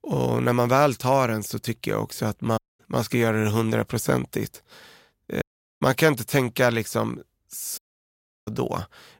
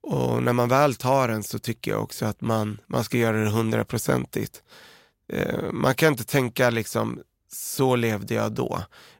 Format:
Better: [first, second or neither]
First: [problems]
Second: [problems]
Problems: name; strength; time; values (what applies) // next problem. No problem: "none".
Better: second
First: audio cutting out; at 2.5 s, at 5.5 s and at 8 s for 0.5 s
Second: none